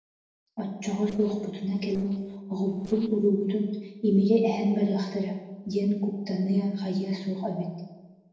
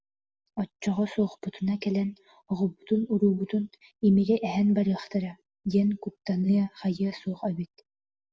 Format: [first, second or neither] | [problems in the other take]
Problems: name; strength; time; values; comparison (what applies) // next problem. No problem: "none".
second | noise reduction (neural separator model SepFormer DNS4)